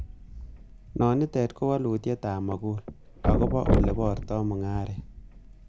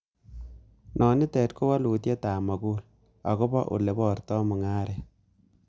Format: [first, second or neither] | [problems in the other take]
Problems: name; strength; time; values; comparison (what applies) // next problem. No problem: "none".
second | background sound (Thump, thud); 2 dB below the speech